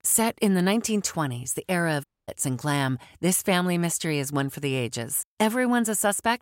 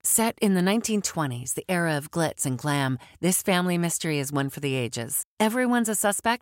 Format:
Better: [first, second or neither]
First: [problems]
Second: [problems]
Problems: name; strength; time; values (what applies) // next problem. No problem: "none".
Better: second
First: audio cutting out; at 2 s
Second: none